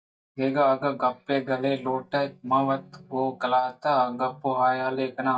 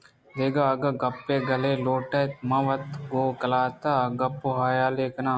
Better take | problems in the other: second | noise reduction (neural mask model DeepFilterNet 3)

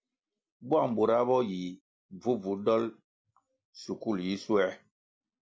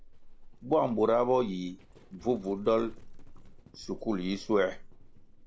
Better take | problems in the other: first | background sound (Livestock, farm animals, working animals); 16 dB below the speech

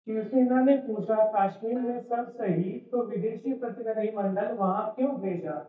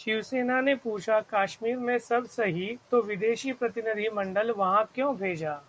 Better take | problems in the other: second | noise reduction (neural mask model DeepFilterNet 3)

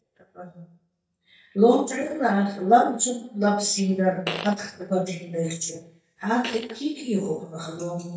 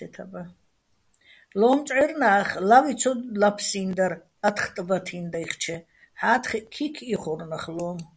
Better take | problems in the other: second | noise reduction (neural mask model DeepFilterNet 3)

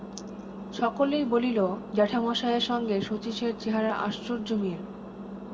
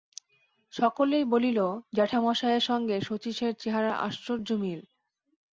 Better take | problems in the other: second | background sound (Engine); 11 dB below the speech // room echo; dies away in 1 s

